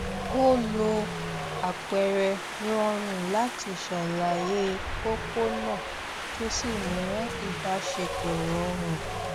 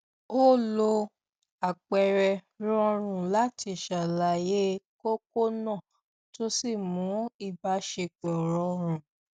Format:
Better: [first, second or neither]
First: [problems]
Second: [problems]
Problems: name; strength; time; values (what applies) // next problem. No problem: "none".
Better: second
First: background sound (Wind); 4 dB below the speech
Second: none